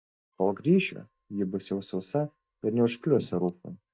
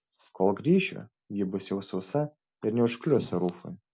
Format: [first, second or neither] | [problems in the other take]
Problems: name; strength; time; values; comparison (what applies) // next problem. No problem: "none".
second | noise reduction (neural mask model DeepFilterNet 3)